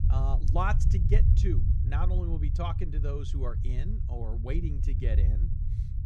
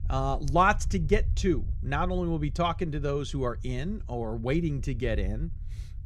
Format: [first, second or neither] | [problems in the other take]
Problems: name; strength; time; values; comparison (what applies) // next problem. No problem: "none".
second | low rumble; loud; throughout; 7 dB below the speech; faint in the second